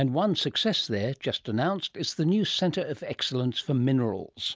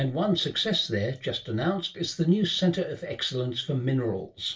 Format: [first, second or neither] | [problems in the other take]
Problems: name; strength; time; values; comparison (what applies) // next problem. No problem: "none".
first | room echo; dies away in 0.2 s